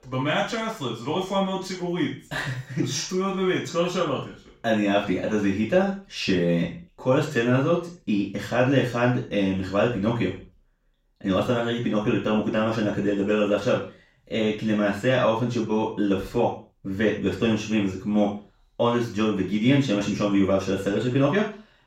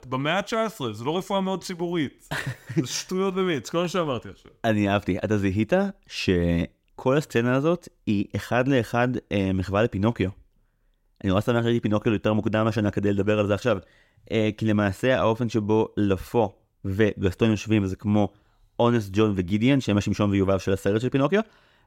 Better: second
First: room echo; noticeable; dies away in 0.3 s // off-mic speech; far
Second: none

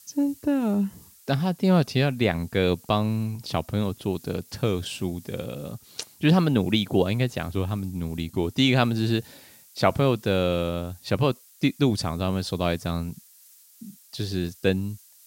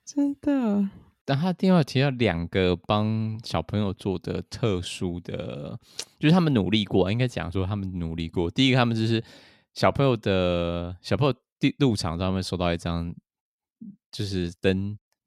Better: second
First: hiss; faint; throughout; 25 dB below the speech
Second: none

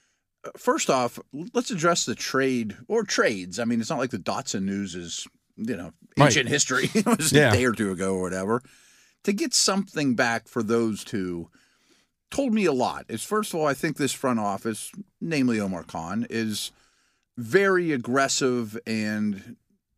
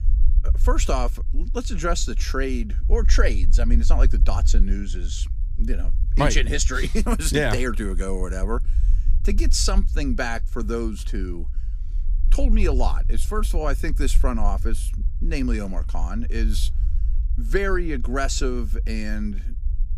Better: first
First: none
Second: low rumble; faint; throughout; 20 dB below the speech

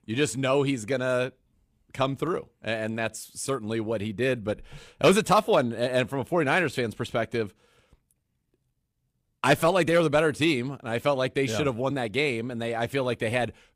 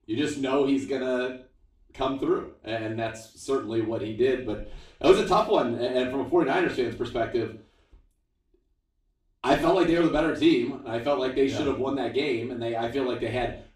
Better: first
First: none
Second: room echo; slight; dies away in 0.4 s // off-mic speech; far

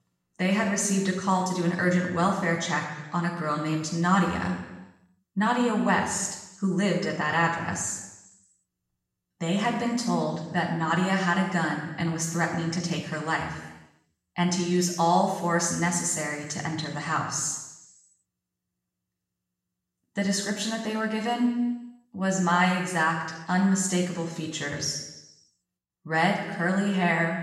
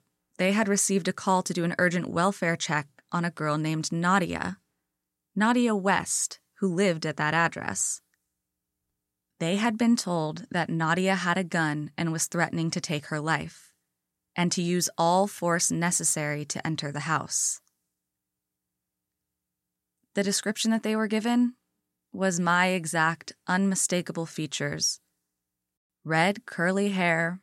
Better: second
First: room echo; noticeable; dies away in 1 s // off-mic speech; far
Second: none

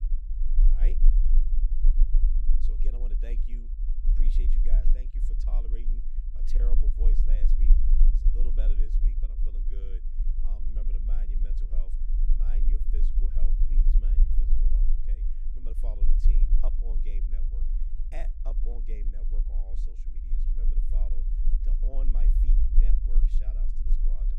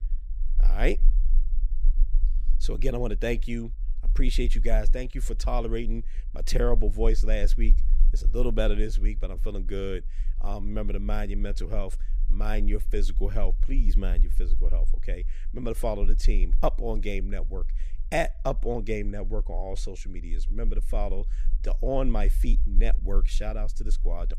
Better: second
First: low rumble; loud; throughout; 2 dB below the speech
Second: low rumble; faint; throughout; 25 dB below the speech

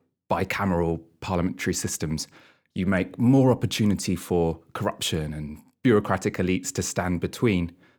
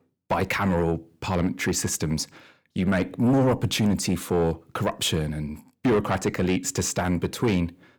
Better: first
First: none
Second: distortion; slight; 10 dB below the speech

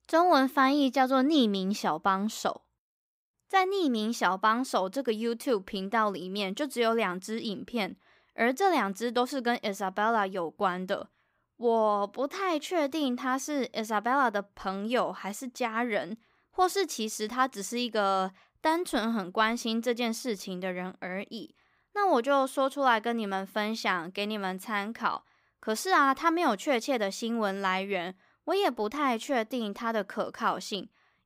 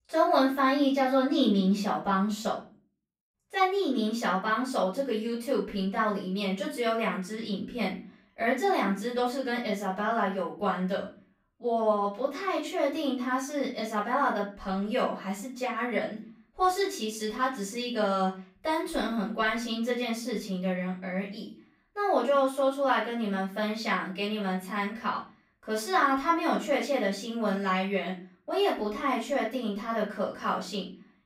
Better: first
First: none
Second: off-mic speech; far // room echo; slight; dies away in 0.4 s

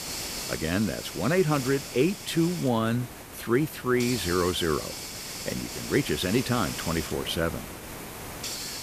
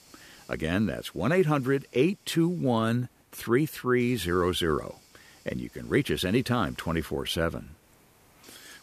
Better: second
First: hiss; loud; throughout; 8 dB below the speech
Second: hiss; faint; throughout; 30 dB below the speech

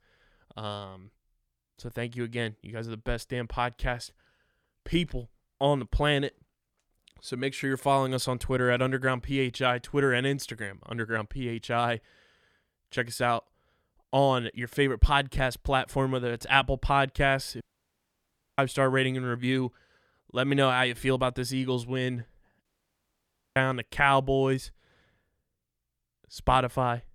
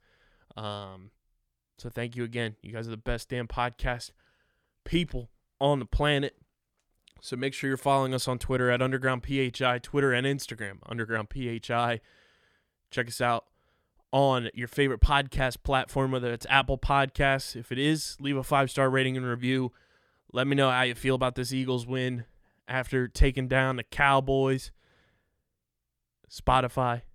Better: second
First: audio cutting out; at 18 s for 1 s and at 23 s for 1 s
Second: none

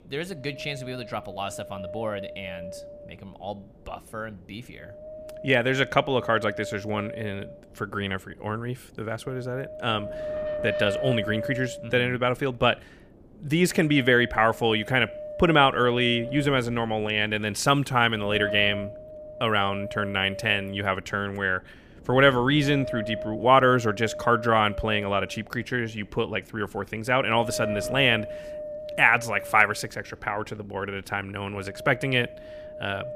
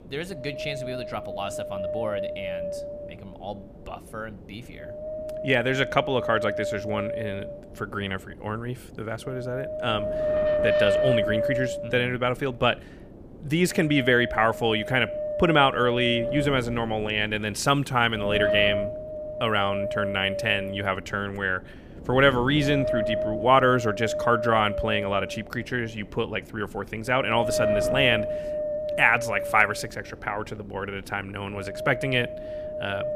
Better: first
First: wind noise on the microphone; occasional gusts; 10 dB below the speech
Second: wind noise on the microphone; heavy; 4 dB below the speech

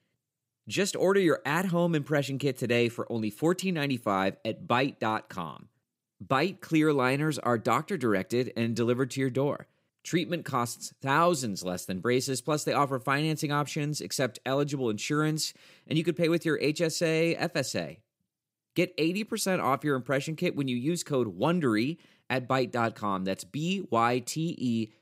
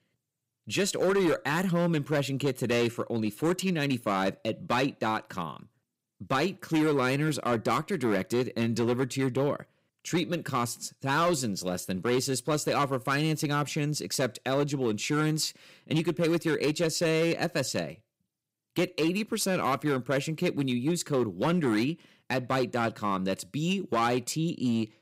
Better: first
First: none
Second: distortion; slight; 7% of the sound clipped

